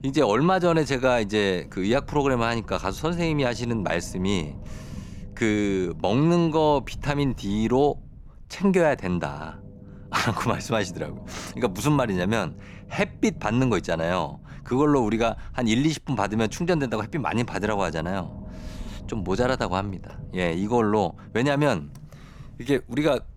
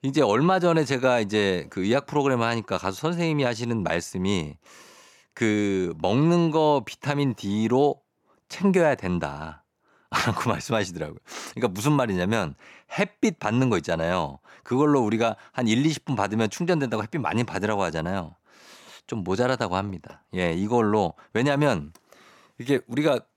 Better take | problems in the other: second | low rumble; faint; throughout; 25 dB below the speech

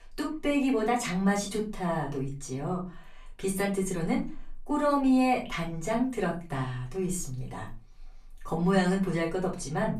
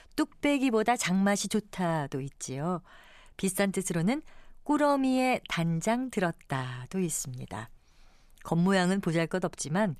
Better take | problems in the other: second | off-mic speech; far // room echo; very slight; dies away in 0.3 s

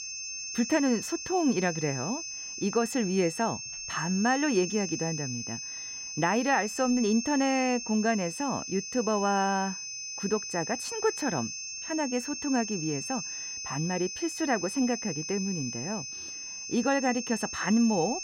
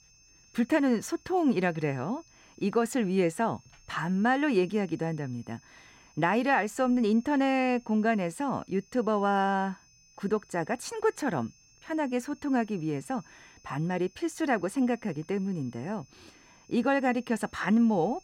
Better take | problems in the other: second | high-pitched whine; loud; throughout; 6 kHz, 6 dB below the speech; faint in the second

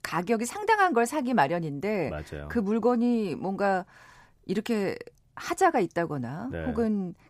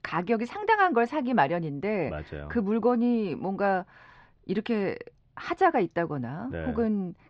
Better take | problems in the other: first | muffled; slightly; fading above 4 kHz

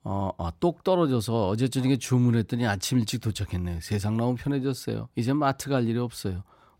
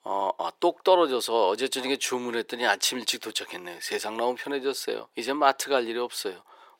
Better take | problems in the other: first | thin; very; fading below 400 Hz

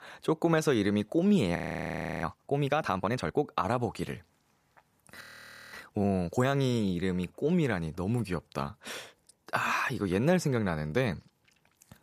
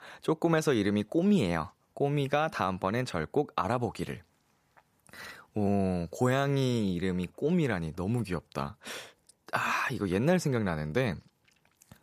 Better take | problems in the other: second | audio freezing; at 1.5 s for 0.5 s and at 5 s for 0.5 s

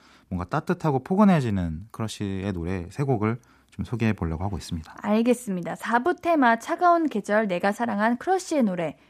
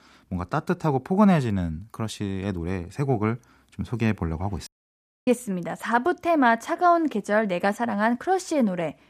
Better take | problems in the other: first | audio cutting out; at 4.5 s for 0.5 s

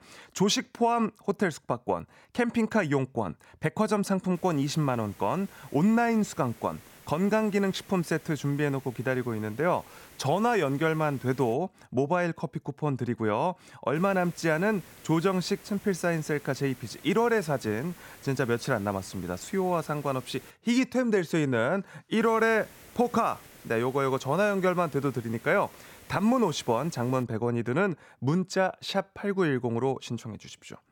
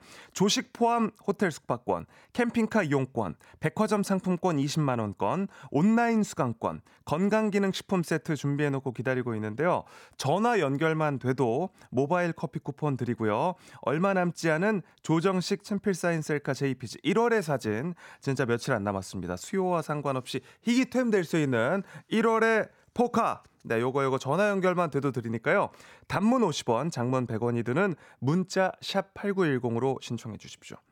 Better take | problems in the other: second | hiss; faint; from 4.5 to 12 s, from 14 to 21 s and from 22 to 27 s; 20 dB below the speech

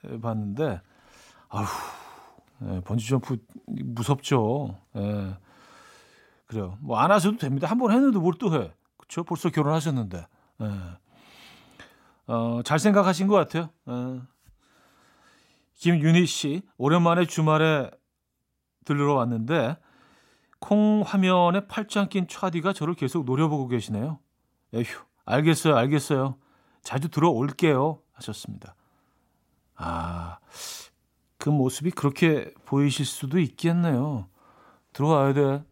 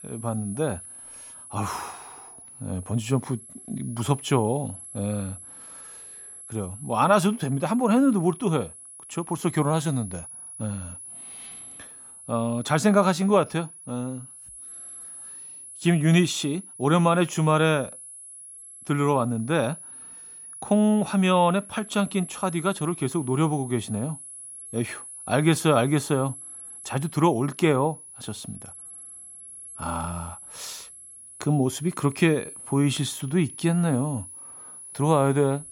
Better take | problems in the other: first | high-pitched whine; noticeable; throughout; 10.5 kHz, 15 dB below the speech

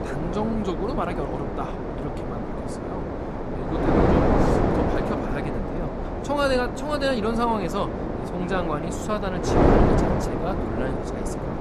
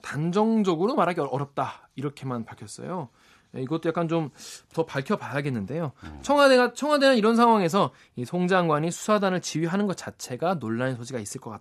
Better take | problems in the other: second | wind noise on the microphone; heavy; 1 dB above the speech

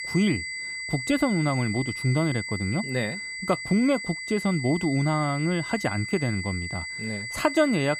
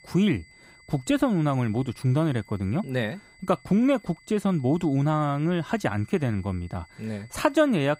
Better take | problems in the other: second | high-pitched whine; loud; throughout; 2 kHz, 6 dB below the speech; faint in the second

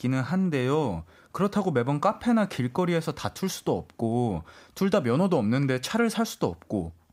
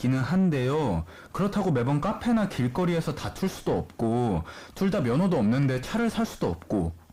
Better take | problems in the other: first | distortion; heavy; 6 dB below the speech

